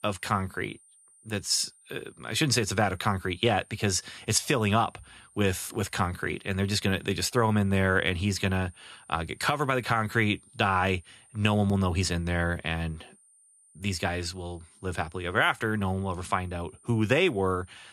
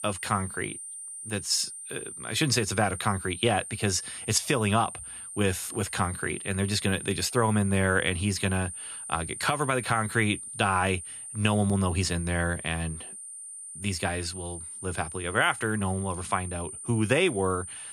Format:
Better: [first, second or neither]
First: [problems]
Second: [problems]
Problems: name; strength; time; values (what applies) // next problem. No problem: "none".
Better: first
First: high-pitched whine; faint; throughout; 9 kHz, 30 dB below the speech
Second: high-pitched whine; loud; throughout; 9 kHz, 9 dB below the speech